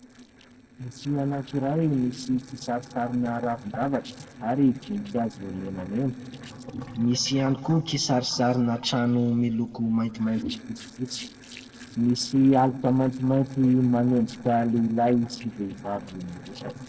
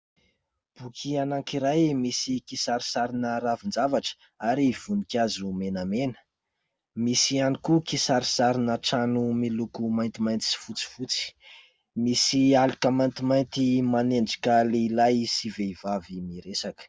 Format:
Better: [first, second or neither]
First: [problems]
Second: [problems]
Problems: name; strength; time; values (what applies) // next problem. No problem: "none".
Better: second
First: noise reduction (neural separator model SepFormer DNS4)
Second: none